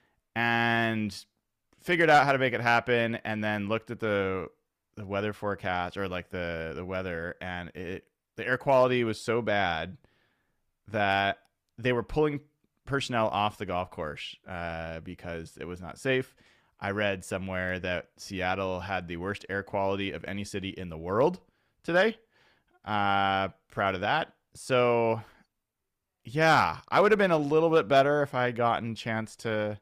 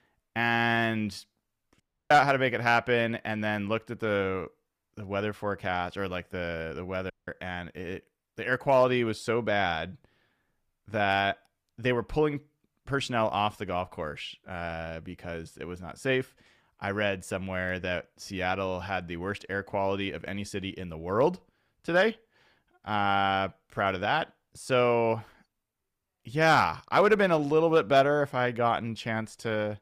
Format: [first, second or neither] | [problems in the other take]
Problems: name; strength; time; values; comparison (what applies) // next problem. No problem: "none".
first | audio cutting out; at 2 s and at 7 s